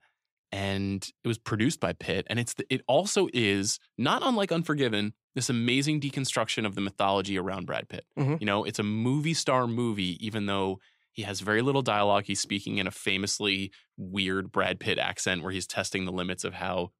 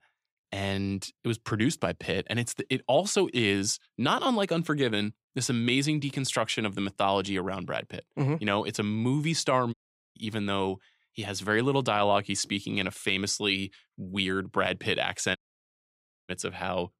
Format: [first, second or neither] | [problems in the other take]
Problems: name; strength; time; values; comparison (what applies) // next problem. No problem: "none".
first | audio cutting out; at 9.5 s and at 15 s for 1 s